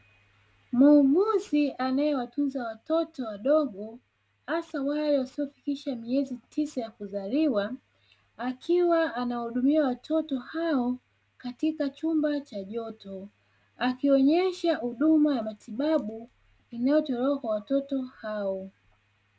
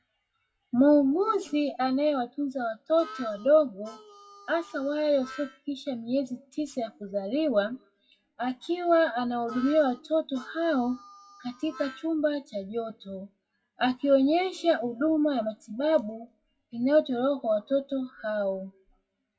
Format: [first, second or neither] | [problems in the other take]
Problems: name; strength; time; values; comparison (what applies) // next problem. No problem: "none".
first | noise reduction (classical method WPE with log-MMSE)